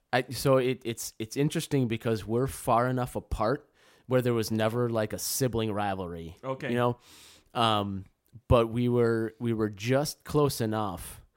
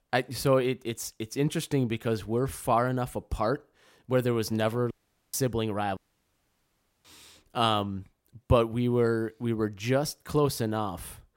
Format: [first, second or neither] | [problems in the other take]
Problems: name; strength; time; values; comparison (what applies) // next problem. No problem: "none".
first | audio cutting out; at 5 s and at 6 s for 1 s